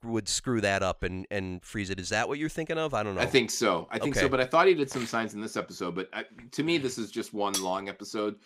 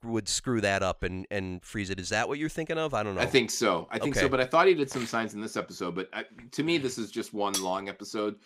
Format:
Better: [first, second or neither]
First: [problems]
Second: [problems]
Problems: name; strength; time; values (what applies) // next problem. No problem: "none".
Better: neither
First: clattering dishes; noticeable; at 7.5 s; peak 4 dB below the speech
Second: clattering dishes; noticeable; at 7.5 s; peak 4 dB below the speech